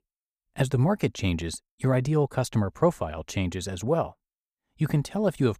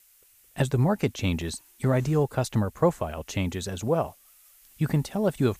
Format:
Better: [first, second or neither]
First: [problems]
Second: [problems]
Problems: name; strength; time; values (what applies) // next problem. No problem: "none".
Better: first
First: none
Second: hiss; faint; throughout; 25 dB below the speech